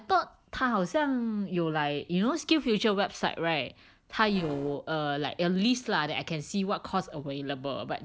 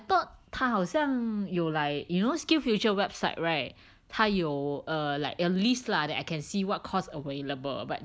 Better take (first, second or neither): second